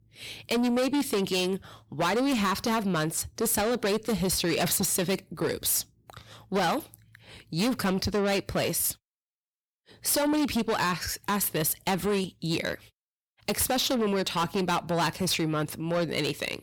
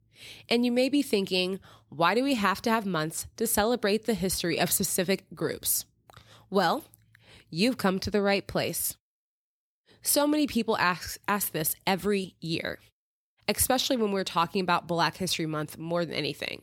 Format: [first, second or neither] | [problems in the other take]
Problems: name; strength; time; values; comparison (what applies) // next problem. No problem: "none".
second | distortion; heavy; 7 dB below the speech